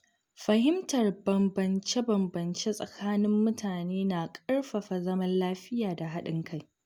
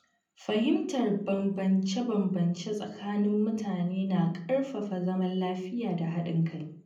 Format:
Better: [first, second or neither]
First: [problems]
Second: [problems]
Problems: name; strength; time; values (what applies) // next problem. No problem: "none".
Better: first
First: none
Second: room echo; dies away in 0.6 s